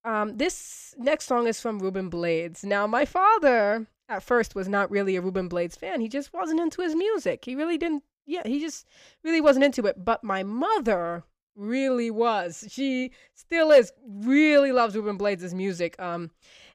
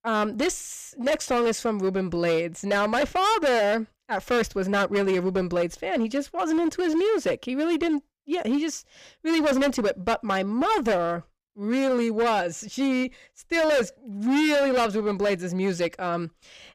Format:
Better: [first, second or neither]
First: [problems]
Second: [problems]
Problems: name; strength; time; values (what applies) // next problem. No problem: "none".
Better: first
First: none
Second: distortion; heavy; 15% of the sound clipped